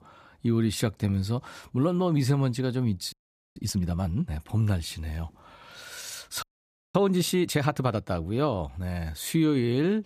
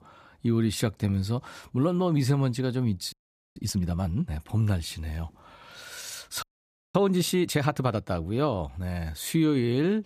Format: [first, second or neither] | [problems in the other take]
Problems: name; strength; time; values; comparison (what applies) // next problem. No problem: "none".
neither | audio freezing; at 3 s and at 6.5 s for 0.5 s; the same in both